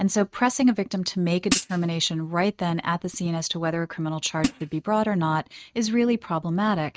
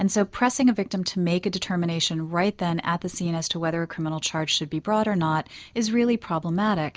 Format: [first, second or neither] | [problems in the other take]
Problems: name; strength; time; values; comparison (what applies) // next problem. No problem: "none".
second | noise reduction (neural mask model RNNoise)